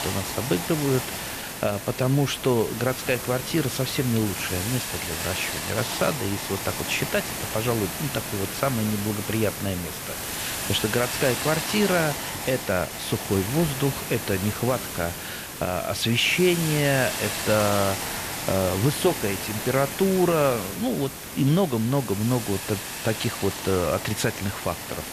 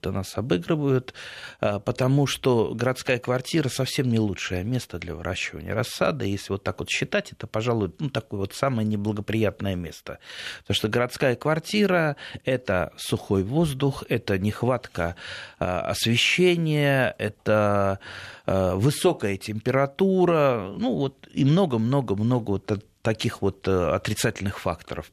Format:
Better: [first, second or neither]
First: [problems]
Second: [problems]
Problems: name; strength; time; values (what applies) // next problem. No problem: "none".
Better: second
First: hiss; loud; throughout; 5 dB below the speech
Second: none